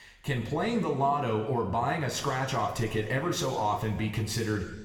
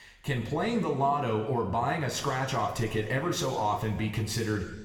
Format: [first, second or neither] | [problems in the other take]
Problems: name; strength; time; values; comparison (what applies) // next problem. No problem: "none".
neither | room echo; slight; dies away in 1.1 s; the same in both // off-mic speech; somewhat distant; the same in both